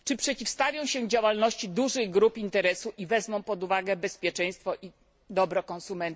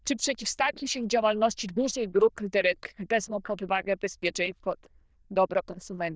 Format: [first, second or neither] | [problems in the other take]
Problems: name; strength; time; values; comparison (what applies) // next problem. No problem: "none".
first | noise reduction (neural diffusion model UNIVERSE++)